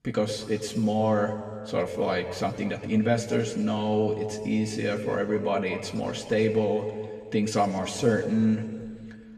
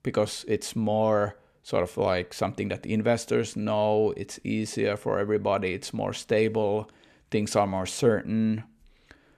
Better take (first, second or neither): second